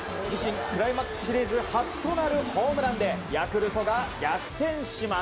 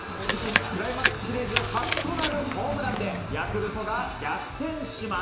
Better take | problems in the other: first | background sound (Chewing, mastication); 1 dB below the speech // room echo; dies away in 1 s

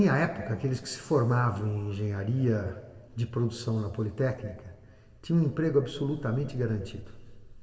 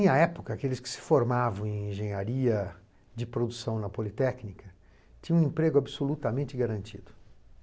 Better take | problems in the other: second | room echo; dies away in 1.7 s

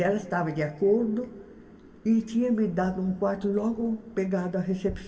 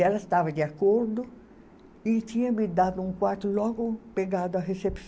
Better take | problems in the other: second | room echo; dies away in 1.6 s

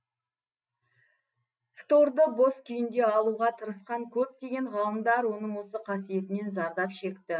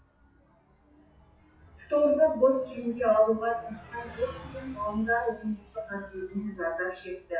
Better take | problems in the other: first | noise reduction (classical method WPE with log-MMSE)

